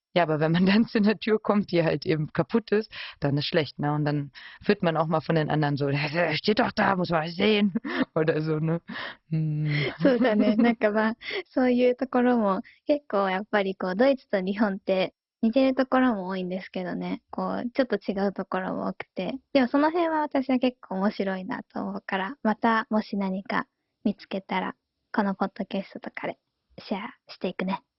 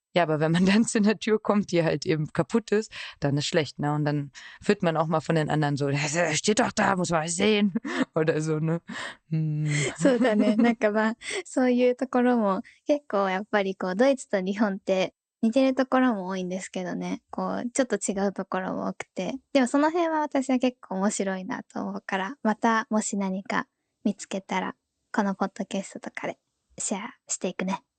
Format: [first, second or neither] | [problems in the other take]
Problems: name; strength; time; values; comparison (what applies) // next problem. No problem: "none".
second | garbled, watery; badly; nothing above 5.5 kHz; slightly in the second